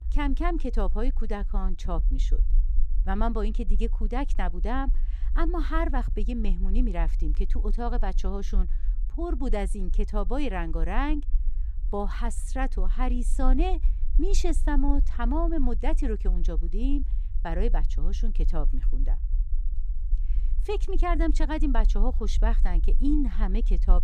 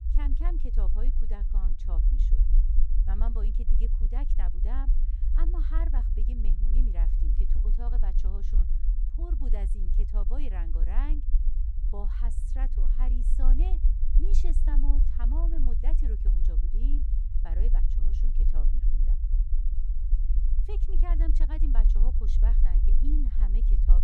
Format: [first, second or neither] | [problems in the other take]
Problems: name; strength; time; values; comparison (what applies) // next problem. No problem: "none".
first | low rumble; loud; throughout; 5 dB below the speech; faint in the first